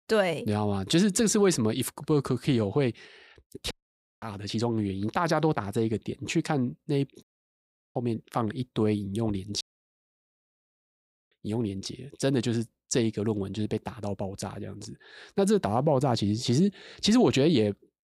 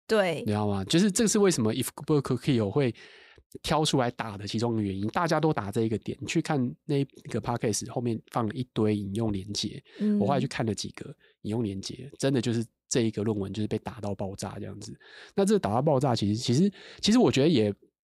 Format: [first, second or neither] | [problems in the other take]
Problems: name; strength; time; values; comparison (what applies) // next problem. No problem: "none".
second | audio cutting out; at 3.5 s for 0.5 s, at 7 s for 0.5 s and at 9.5 s for 1.5 s